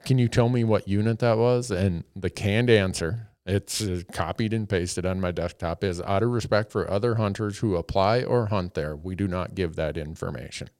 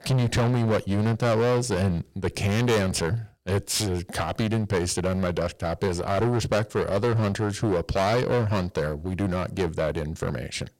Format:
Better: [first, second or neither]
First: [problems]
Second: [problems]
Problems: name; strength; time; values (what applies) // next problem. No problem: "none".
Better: first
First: none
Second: distortion; heavy; 15% of the sound clipped